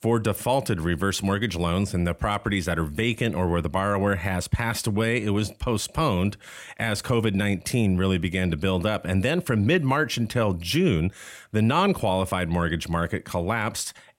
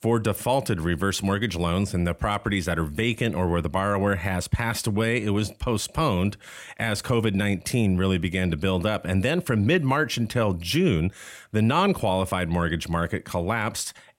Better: neither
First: none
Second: none

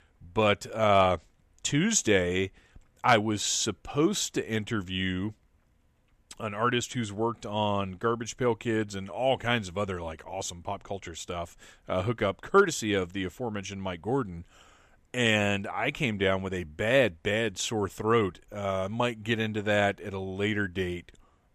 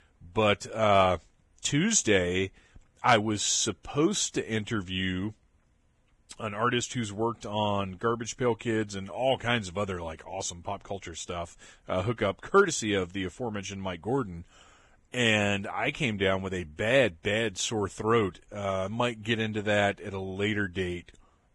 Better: first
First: none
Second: garbled, watery; badly; nothing above 11.5 kHz

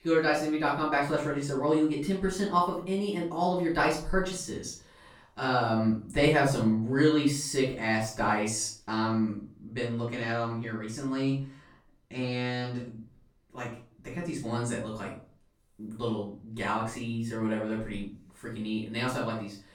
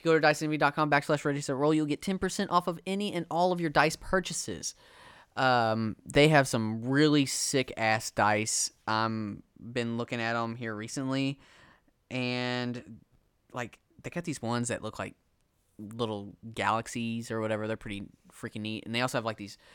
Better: second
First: off-mic speech; far // room echo; noticeable; dies away in 0.4 s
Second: none

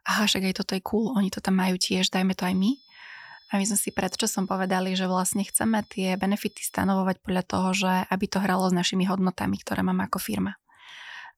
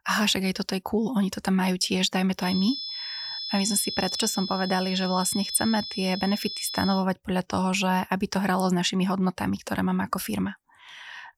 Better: first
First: high-pitched whine; faint; from 2.5 to 7 s; 5 kHz, 30 dB below the speech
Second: high-pitched whine; loud; from 2.5 to 7 s; 5 kHz, 6 dB below the speech

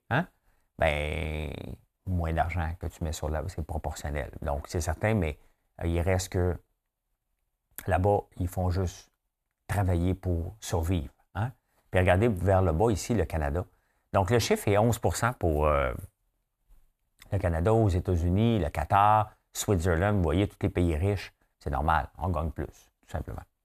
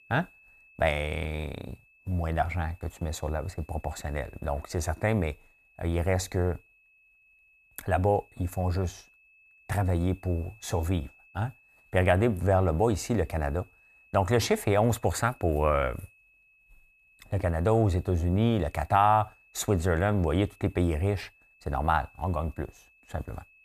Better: first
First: none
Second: high-pitched whine; faint; throughout; 2.5 kHz, 30 dB below the speech

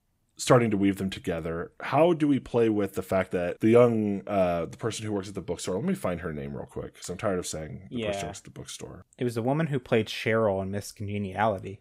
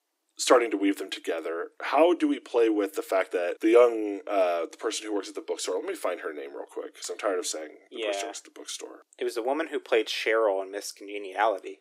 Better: first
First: none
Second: thin; somewhat; fading below 300 Hz

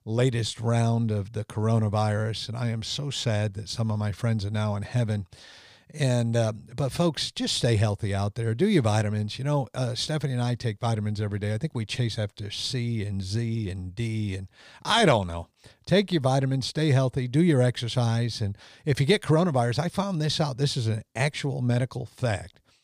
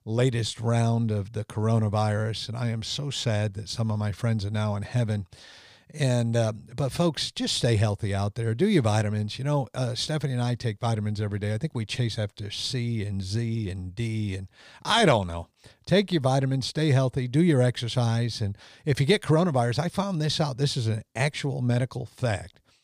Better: neither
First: none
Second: none

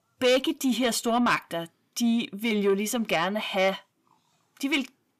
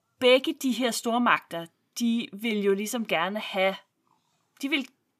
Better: second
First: distortion; slight; 10 dB below the speech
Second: none

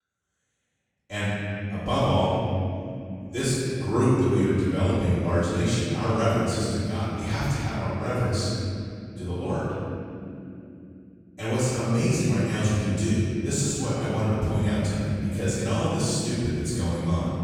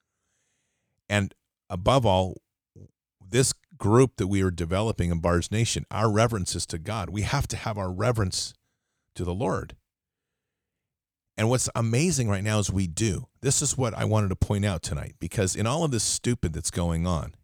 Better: second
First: off-mic speech; far // room echo; strong; dies away in 3 s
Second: none

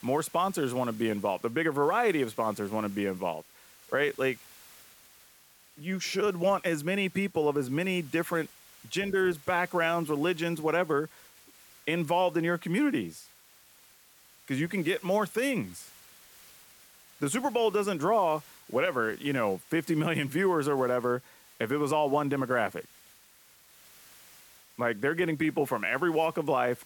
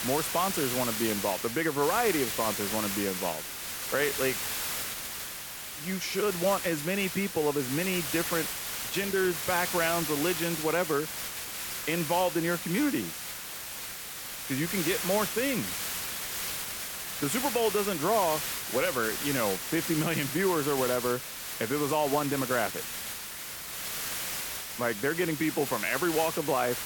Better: first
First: hiss; faint; throughout; 25 dB below the speech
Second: hiss; loud; throughout; 3 dB below the speech

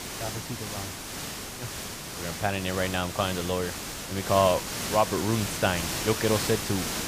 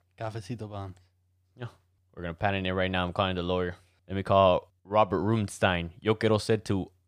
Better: second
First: hiss; loud; throughout; 4 dB below the speech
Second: none

